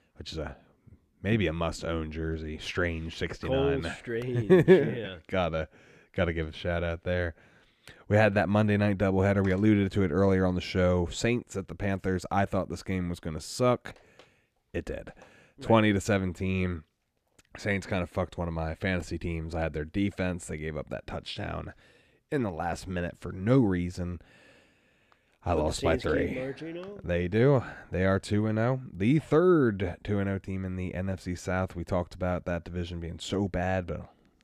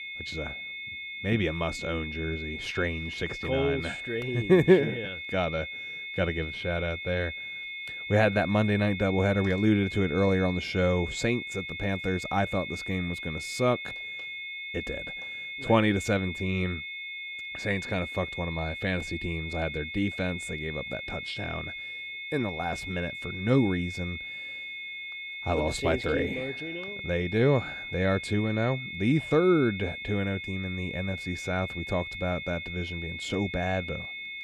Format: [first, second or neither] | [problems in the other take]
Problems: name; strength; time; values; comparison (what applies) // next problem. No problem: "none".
first | high-pitched whine; loud; throughout; 2 kHz, 7 dB below the speech